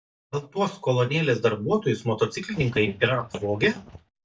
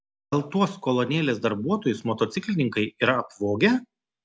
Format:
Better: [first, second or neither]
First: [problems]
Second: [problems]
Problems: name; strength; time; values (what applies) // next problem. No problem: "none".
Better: second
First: noise reduction (neural mask model DeepFilterNet 3)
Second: none